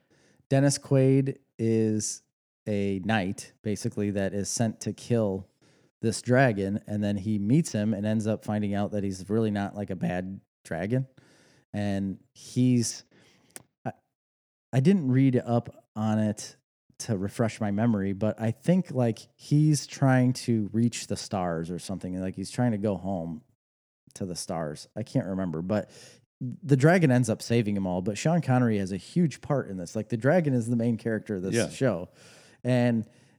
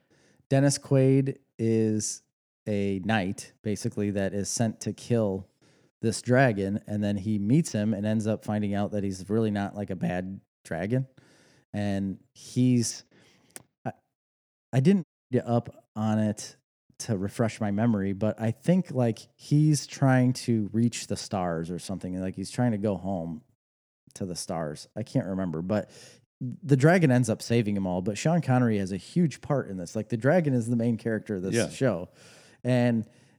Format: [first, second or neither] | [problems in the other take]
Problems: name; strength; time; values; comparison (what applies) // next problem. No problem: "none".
first | audio cutting out; at 15 s